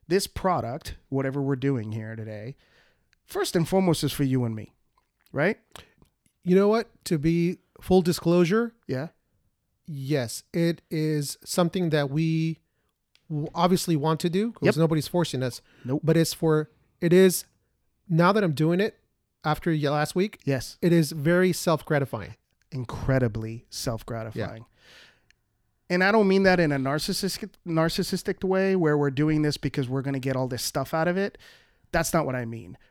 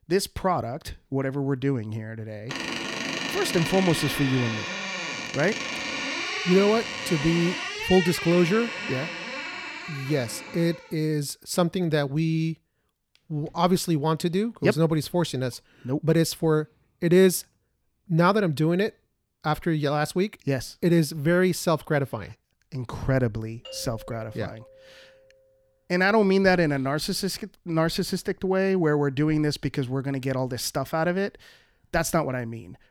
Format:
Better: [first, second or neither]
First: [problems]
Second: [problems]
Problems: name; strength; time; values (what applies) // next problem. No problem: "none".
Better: first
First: none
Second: door banging; noticeable; from 2.5 to 11 s; peak 2 dB below the speech // doorbell; faint; from 24 to 25 s; peak 15 dB below the speech